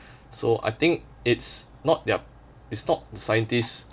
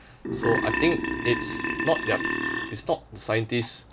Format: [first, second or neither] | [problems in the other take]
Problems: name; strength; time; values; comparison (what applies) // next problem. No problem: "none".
first | background sound (Burping, eructation); as loud as the speech